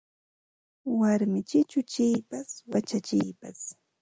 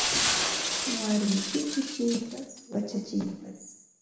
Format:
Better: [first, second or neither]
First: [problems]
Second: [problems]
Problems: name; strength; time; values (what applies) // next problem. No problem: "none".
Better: first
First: none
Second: background sound (Shatter); 1 dB below the speech // room echo; dies away in 0.9 s